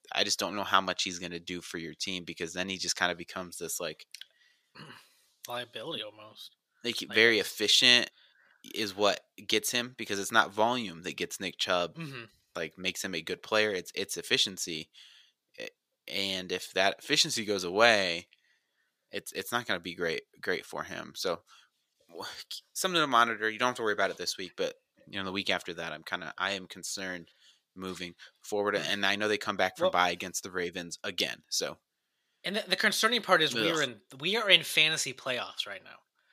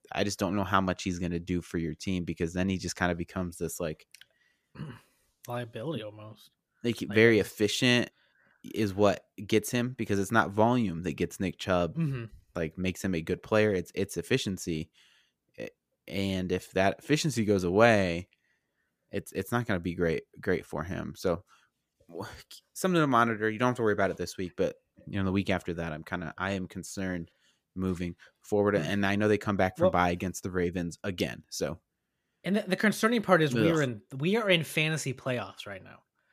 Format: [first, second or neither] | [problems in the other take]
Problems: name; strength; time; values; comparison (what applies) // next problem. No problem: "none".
second | thin; somewhat; fading below 950 Hz